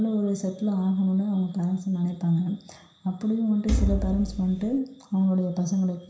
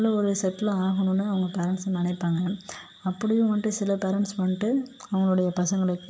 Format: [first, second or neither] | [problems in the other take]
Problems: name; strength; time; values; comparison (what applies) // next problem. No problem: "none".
second | background sound (Thump, thud); 1 dB below the speech // room echo; dies away in 0.5 s